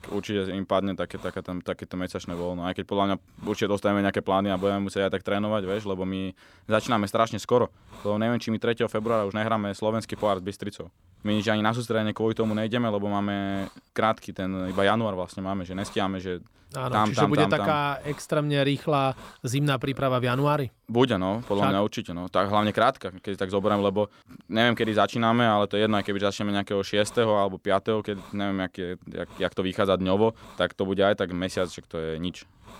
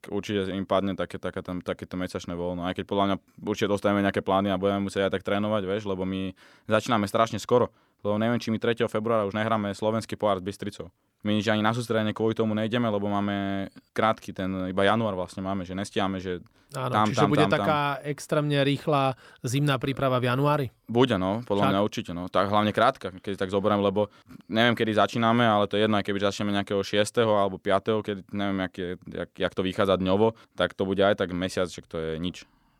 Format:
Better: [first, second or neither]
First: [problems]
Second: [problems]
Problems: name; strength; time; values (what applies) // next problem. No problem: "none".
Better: second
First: hiss; faint; throughout; 25 dB below the speech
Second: none